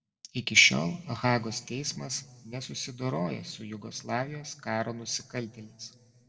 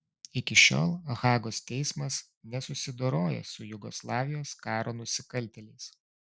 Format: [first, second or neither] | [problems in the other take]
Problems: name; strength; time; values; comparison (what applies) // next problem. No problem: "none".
second | room echo; dies away in 1.3 s